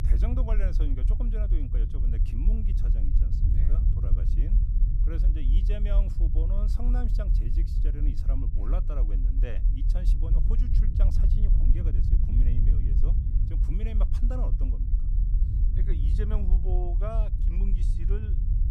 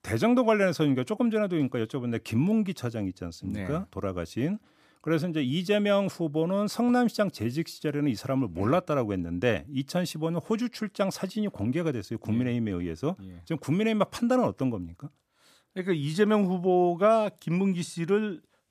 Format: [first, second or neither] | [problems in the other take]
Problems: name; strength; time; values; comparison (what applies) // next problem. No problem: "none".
second | low rumble; loud; throughout; 3 dB below the speech